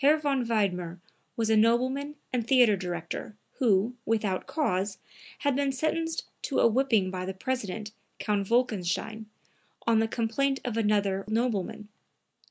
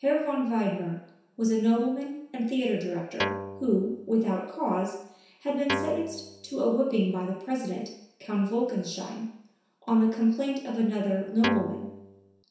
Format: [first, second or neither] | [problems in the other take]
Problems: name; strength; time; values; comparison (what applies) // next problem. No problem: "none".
first | background sound (Guitar); 6 dB below the speech // room echo; dies away in 0.7 s